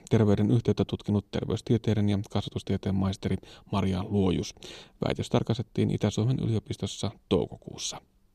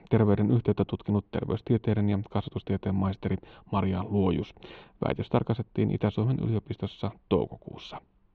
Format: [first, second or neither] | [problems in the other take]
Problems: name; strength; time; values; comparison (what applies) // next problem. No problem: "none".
first | muffled; very; fading above 3 kHz